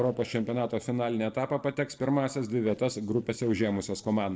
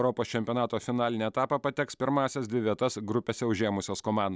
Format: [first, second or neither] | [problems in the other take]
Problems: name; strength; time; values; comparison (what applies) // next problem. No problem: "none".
second | noise reduction (neural separator model SepFormer DNS4)